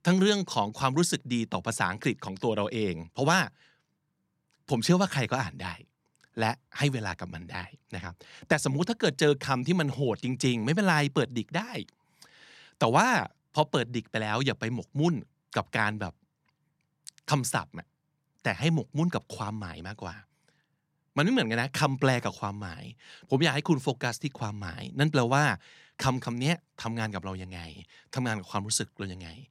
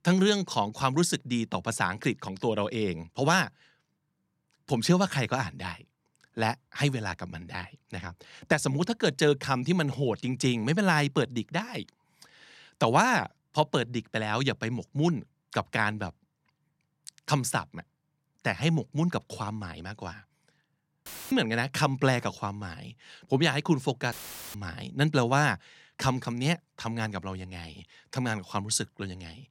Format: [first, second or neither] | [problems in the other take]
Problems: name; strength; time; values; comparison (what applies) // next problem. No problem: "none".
first | audio cutting out; filled with static; at 21 s and at 24 s